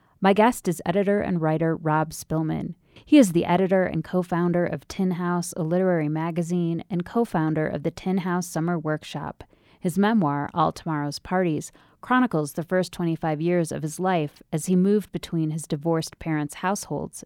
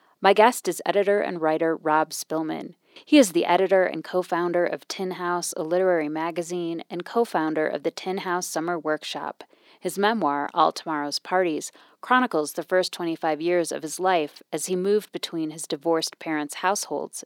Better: first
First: none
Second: thin; somewhat; fading below 300 Hz

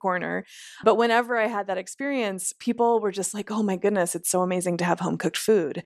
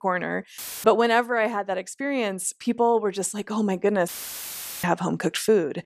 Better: first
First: none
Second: audio cutting out; filled with static; at 0.5 s and at 4 s for 1 s

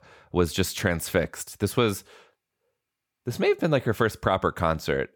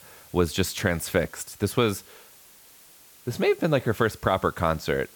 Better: first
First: none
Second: hiss; faint; throughout; 25 dB below the speech

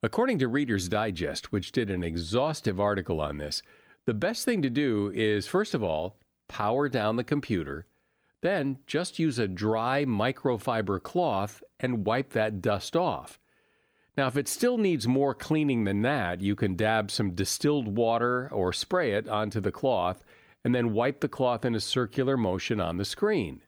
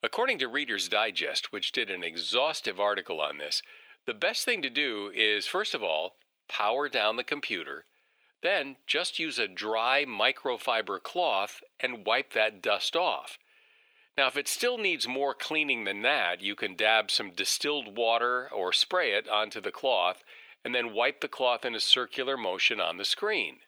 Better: first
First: none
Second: thin; very; fading below 600 Hz

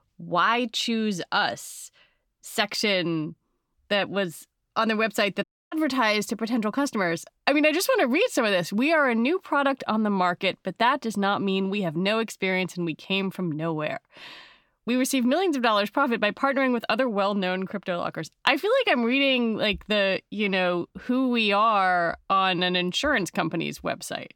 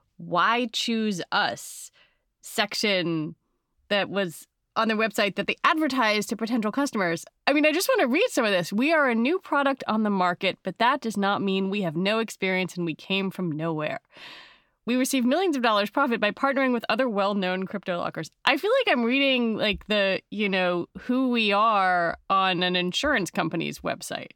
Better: second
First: audio cutting out; at 5.5 s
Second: none

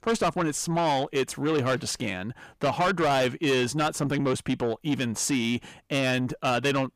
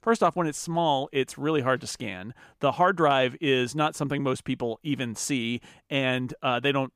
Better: second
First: distortion; heavy; 8 dB below the speech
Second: none

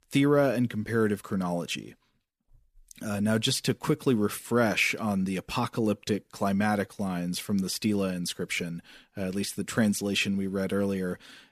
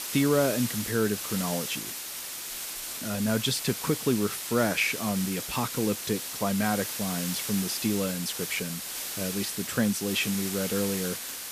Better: first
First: none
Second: hiss; loud; throughout; 4 dB below the speech

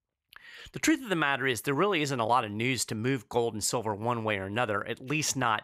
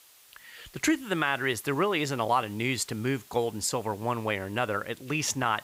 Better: first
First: none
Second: hiss; faint; throughout; 25 dB below the speech

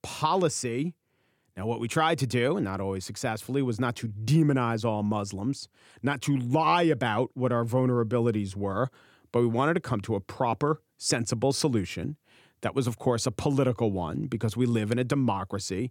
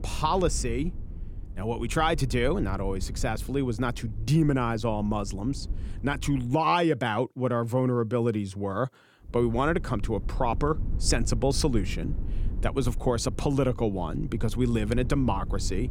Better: first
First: none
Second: low rumble; faint; until 6.5 s and from 9.5 s on; 20 dB below the speech

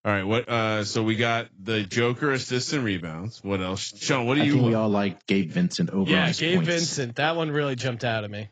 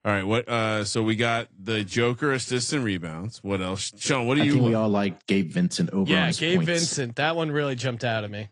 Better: second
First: garbled, watery; badly; nothing above 7.5 kHz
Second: garbled, watery; slightly; nothing above 9.5 kHz

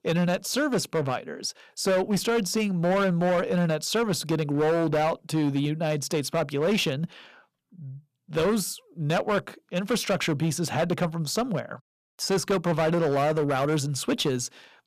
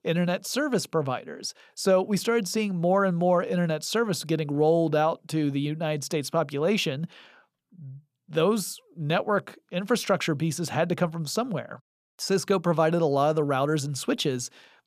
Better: second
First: distortion; slight; 13% of the sound clipped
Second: none

